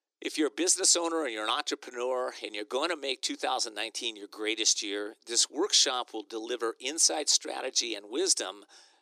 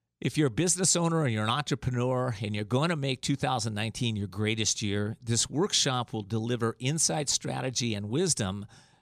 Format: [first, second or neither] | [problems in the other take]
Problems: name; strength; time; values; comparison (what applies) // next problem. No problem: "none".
second | thin; very; fading below 300 Hz